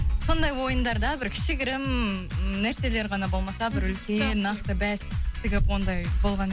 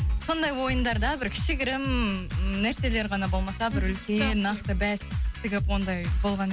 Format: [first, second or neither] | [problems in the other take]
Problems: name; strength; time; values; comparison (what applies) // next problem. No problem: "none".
second | background sound (Wind); 5 dB below the speech